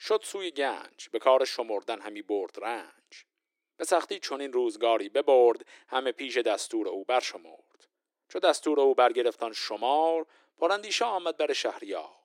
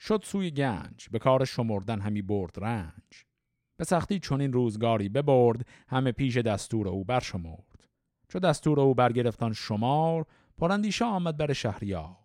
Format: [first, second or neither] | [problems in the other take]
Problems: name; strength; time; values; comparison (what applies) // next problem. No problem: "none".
second | thin; very; fading below 300 Hz